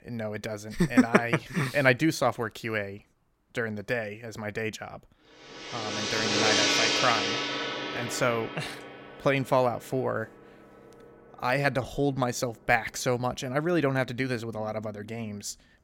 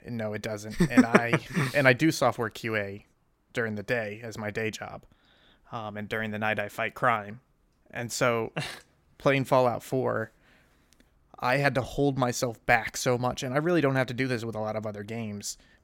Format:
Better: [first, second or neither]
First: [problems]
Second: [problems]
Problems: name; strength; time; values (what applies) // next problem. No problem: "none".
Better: second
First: background music; very loud; from 6 s on; 2 dB above the speech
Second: none